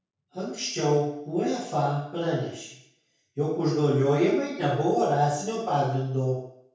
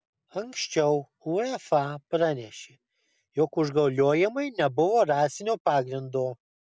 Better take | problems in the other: second | room echo; dies away in 0.6 s

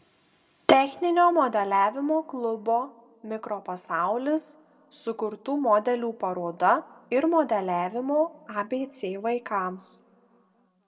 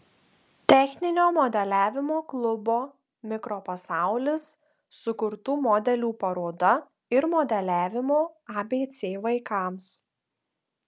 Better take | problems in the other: second | room echo; dies away in 1.2 s

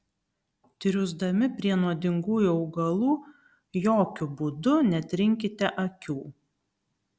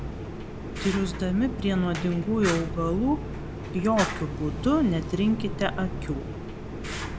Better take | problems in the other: first | background sound (Fire); 6 dB below the speech

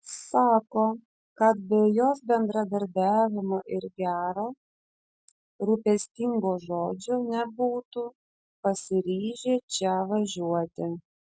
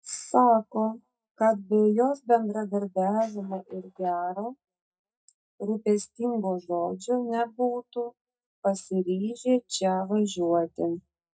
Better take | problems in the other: first | noise reduction (neural mask model DeepFilterNet 3)

